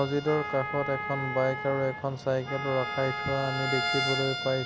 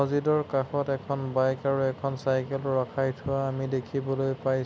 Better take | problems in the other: second | background sound (Bowed string instrument + Wind instrument, woodwind instrument); 4 dB below the speech

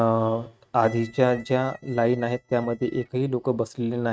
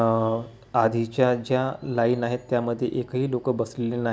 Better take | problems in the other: second | noise reduction (neural mask model RNNoise)

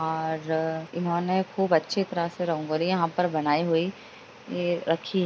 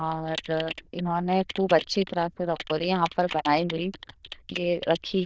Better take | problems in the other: first | noise reduction (neural diffusion model UNIVERSE++)

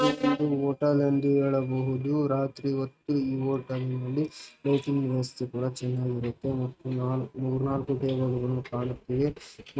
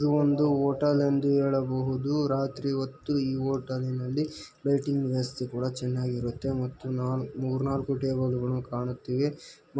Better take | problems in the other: second | noise reduction (neural mask model RNNoise)

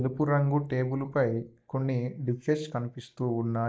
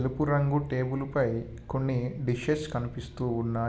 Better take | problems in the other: second | noise reduction (neural mask model DeepFilterNet 3)

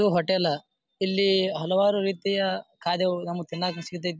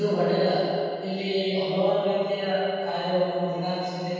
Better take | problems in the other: first | room echo; dies away in 2.2 s

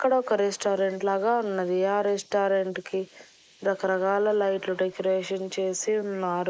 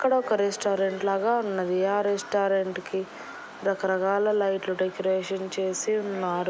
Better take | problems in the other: second | noise reduction (neural mask model Resemble Enhance denoiser)

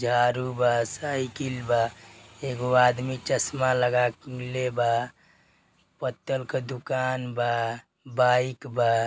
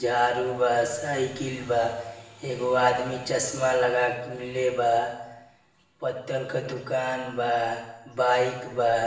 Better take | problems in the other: first | room echo; dies away in 0.9 s

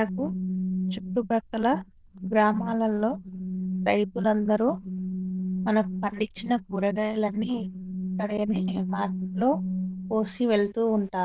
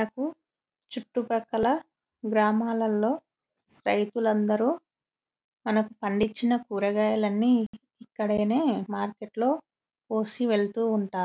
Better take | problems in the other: second | noise reduction (neural diffusion model UNIVERSE++)

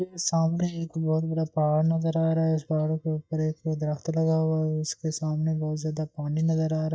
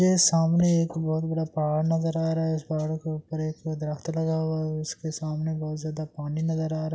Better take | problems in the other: second | noise reduction (neural mask model DeepFilterNet 3)

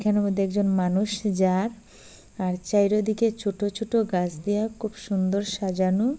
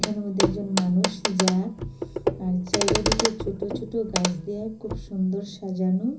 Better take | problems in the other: first | background sound (Clock); 2 dB below the speech // room echo; dies away in 0.5 s

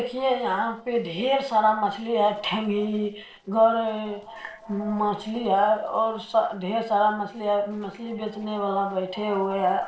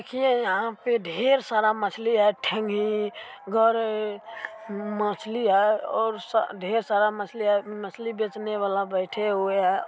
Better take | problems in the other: second | noise reduction (neural separator model SepFormer DNS4)

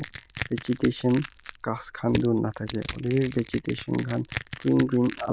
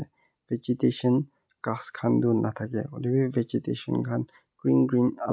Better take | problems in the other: second | noise reduction (neural diffusion model UNIVERSE++)

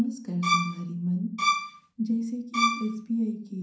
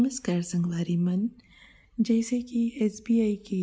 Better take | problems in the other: second | background sound (Bowed string instrument); 2 dB above the speech // room echo; dies away in 0.6 s

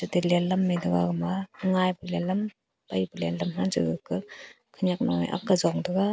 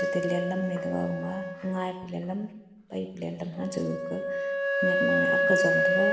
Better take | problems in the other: first | background sound (Wind instrument, woodwind instrument); 3 dB above the speech // room echo; dies away in 1 s

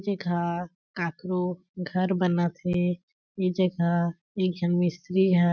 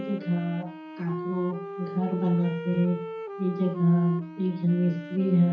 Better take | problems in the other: first | background sound (Wind instrument, woodwind instrument); 10 dB below the speech // room echo; dies away in 0.7 s

